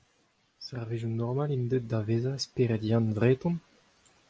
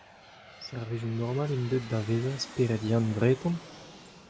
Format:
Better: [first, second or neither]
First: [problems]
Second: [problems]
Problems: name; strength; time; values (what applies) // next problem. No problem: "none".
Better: first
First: none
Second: background sound (Aircraft); 17 dB below the speech